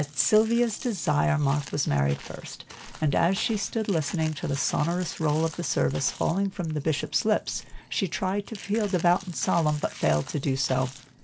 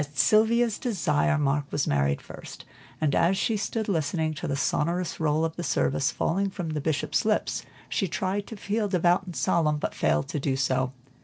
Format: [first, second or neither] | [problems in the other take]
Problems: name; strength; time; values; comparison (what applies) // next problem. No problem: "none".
second | background sound (Chewing, mastication + Walk, footsteps); 18 dB below the speech